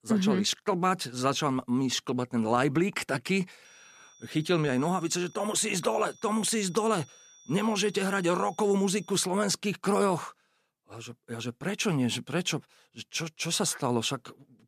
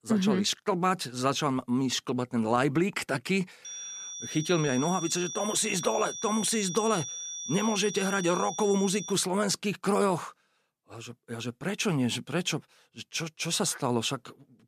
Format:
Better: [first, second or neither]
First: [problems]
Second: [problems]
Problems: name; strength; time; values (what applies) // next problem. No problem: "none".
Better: first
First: high-pitched whine; faint; from 3.5 to 9 s; 6 kHz, 25 dB below the speech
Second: high-pitched whine; loud; from 3.5 to 9 s; 6 kHz, 8 dB below the speech